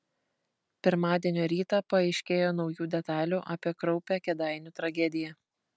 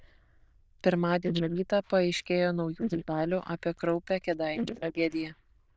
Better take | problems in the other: first | noise reduction (neural diffusion model UNIVERSE++)

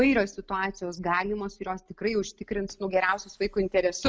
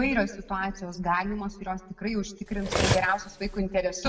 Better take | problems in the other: first | background sound (Cutlery, silverware); as loud as the speech // room echo; dies away in 0.9 s

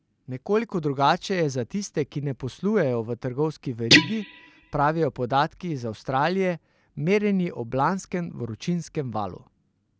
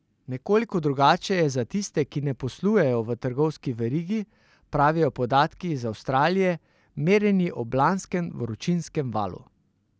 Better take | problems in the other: second | background sound (Guitar); 2 dB above the speech

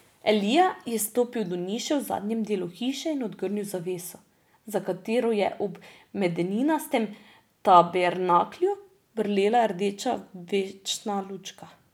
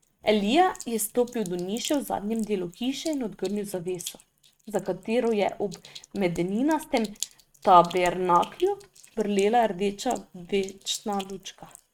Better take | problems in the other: first | noise reduction (neural mask model RNNoise)

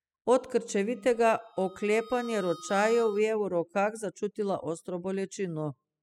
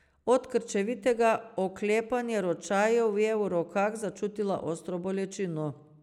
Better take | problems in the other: second | noise reduction (classical method spectral subtraction)

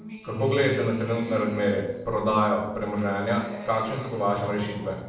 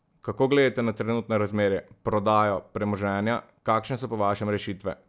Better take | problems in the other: second | background sound (Acoustic guitar); 10 dB below the speech // room echo; dies away in 0.7 s

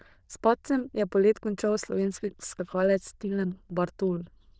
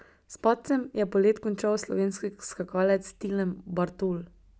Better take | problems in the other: second | noise reduction (neural diffusion model UNIVERSE++)

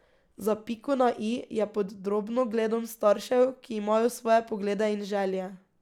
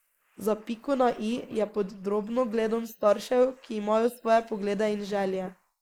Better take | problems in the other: first | noise reduction (neural mask model Resemble Enhance denoiser)

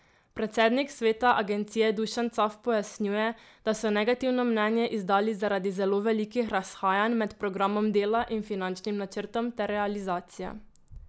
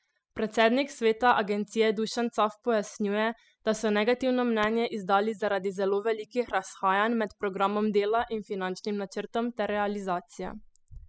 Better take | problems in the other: first | noise reduction (classical method spectral subtraction)

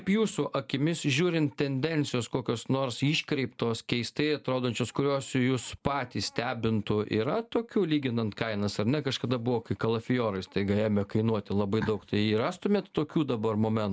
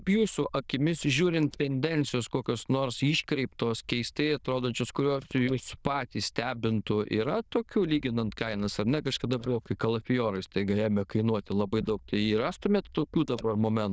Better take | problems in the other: first | noise reduction (neural diffusion model UNIVERSE++)

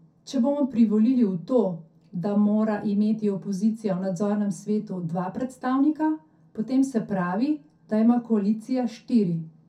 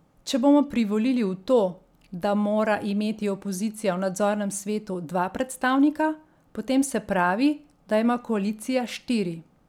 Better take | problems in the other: second | room echo; dies away in 0.3 s

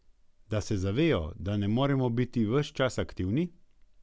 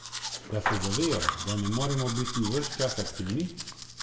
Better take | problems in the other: first | background sound (Domestic sounds, home sounds); 4 dB below the speech // room echo; dies away in 0.7 s

